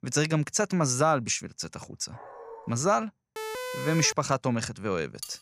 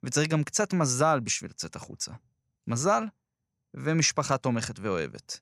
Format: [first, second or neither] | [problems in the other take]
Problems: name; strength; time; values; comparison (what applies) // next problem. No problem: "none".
second | dog barking; faint; at 2 s; peak 15 dB below the speech // siren; noticeable; at 3.5 s; peak 7 dB below the speech // clattering dishes; very faint; at 5 s; peak 15 dB below the speech